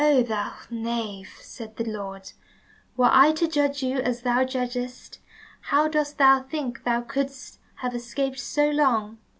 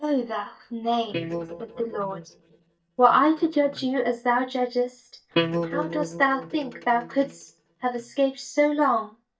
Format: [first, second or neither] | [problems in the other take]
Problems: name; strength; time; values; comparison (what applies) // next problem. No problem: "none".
first | noise reduction (neural mask model DeepFilterNet 3)